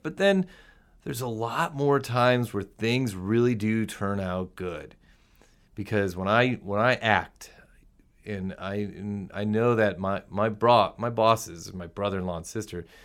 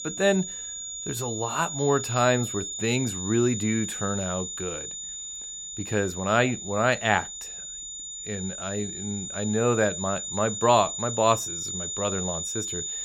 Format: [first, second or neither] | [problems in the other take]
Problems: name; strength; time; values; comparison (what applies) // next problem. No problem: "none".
first | high-pitched whine; loud; throughout; 7 kHz, 6 dB below the speech